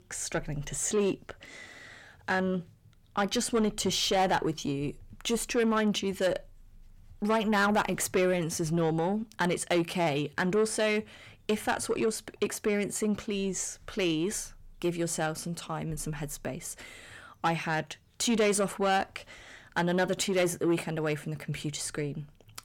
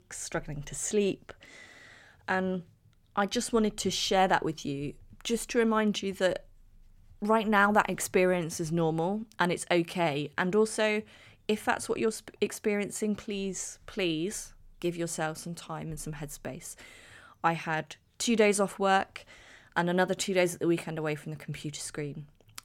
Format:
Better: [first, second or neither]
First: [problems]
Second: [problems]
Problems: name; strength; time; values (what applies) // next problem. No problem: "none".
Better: second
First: distortion; slight; 10 dB below the speech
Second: none